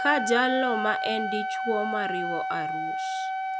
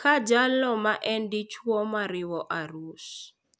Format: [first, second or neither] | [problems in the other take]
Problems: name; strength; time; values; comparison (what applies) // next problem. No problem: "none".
second | background sound (Wind instrument, woodwind instrument); 1 dB below the speech